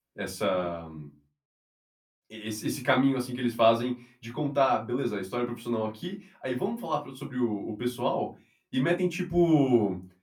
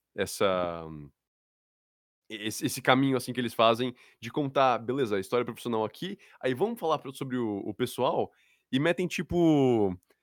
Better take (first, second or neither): second